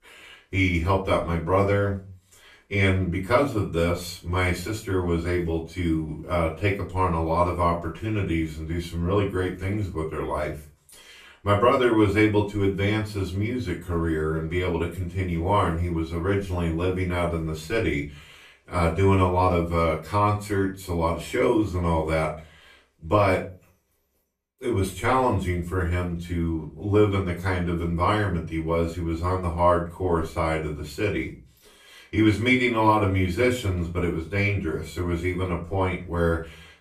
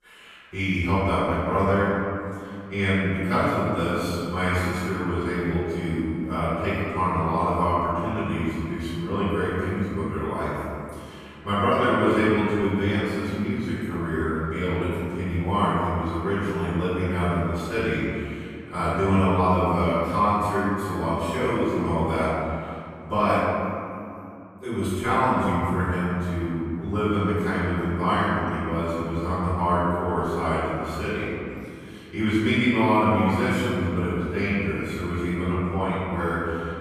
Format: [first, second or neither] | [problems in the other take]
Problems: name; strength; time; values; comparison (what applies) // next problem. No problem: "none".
first | room echo; strong; dies away in 2.5 s; slight in the first // off-mic speech; far; far in the first